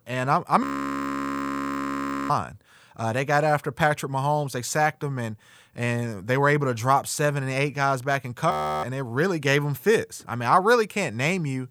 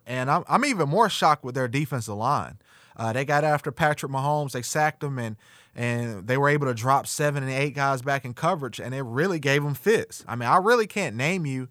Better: second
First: audio freezing; at 0.5 s for 1.5 s and at 8.5 s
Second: none

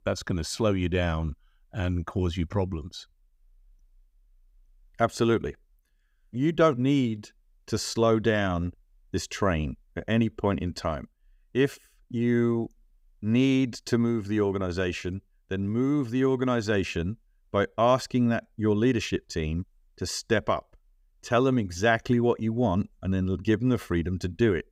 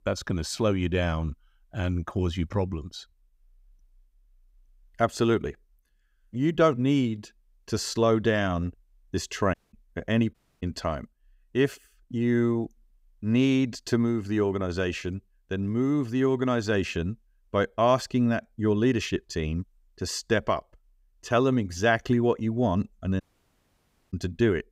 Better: first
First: none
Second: audio cutting out; at 9.5 s, at 10 s and at 23 s for 1 s

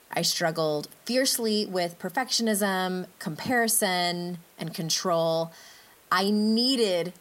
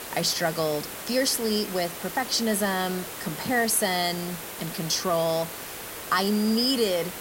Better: first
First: hiss; faint; throughout; 30 dB below the speech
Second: hiss; loud; throughout; 10 dB below the speech

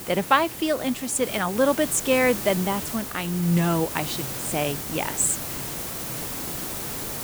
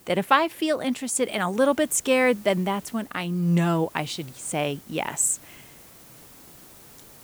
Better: second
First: hiss; loud; throughout; 7 dB below the speech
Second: hiss; faint; throughout; 25 dB below the speech

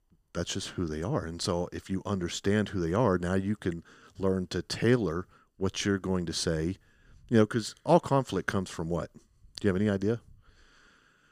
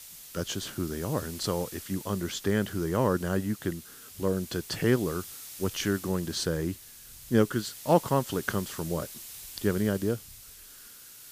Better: first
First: none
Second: hiss; noticeable; throughout; 15 dB below the speech

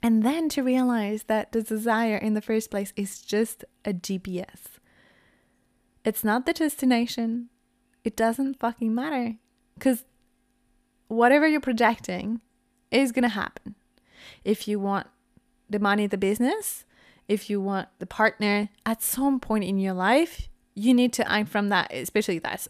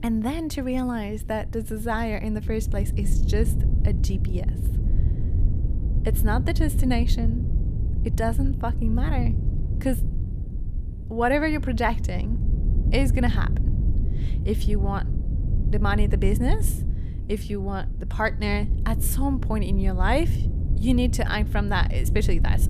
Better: first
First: none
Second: wind noise on the microphone; occasional gusts; 10 dB below the speech

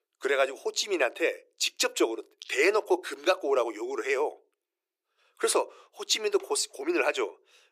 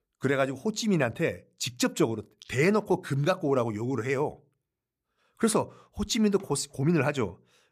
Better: second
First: thin; very; fading below 350 Hz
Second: none

